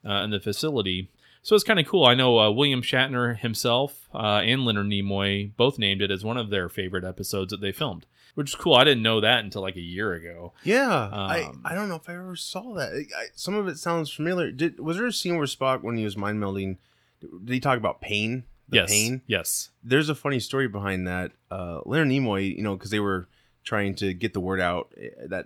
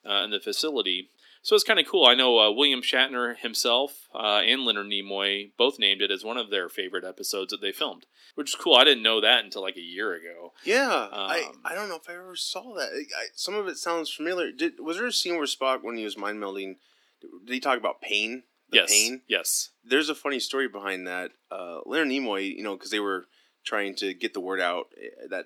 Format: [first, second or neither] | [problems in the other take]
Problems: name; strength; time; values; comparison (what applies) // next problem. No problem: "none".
first | thin; somewhat; fading below 250 Hz